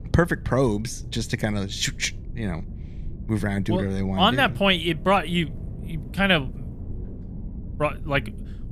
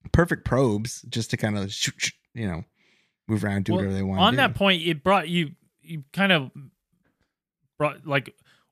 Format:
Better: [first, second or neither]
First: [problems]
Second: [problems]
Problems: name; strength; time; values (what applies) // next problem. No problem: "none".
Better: second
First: low rumble; faint; throughout; 25 dB below the speech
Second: none